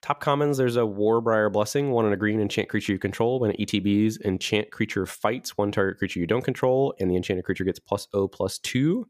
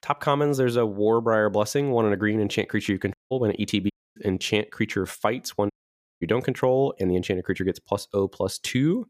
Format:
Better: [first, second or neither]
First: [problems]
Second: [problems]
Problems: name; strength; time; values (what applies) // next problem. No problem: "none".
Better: first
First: none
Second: audio cutting out; at 3 s, at 4 s and at 5.5 s for 0.5 s